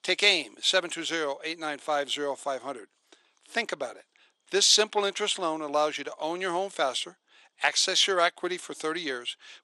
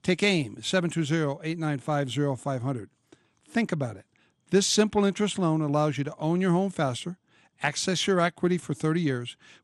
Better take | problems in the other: second | thin; very; fading below 450 Hz

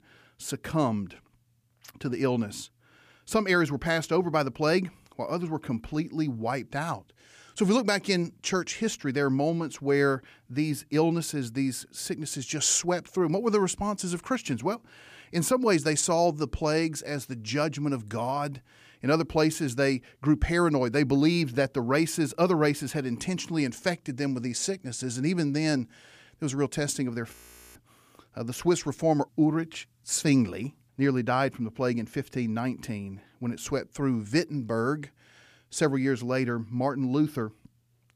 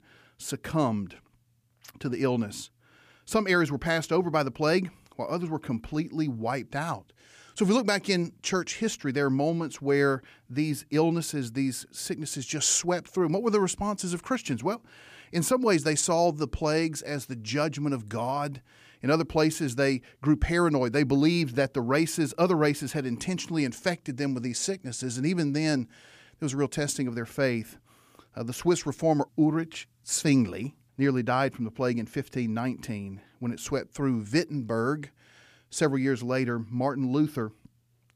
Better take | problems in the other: second | audio freezing; at 27 s

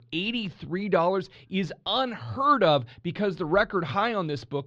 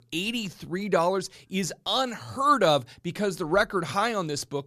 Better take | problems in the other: second | muffled; slightly; fading above 3.5 kHz

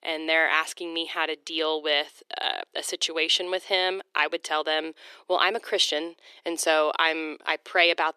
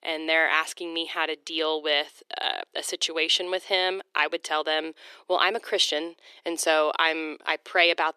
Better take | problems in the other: neither | thin; very; fading below 350 Hz; the same in both

